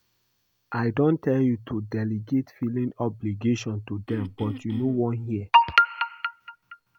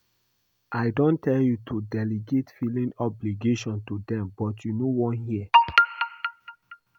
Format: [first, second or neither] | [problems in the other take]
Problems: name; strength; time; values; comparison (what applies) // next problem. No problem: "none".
second | background sound (Cough); 12 dB below the speech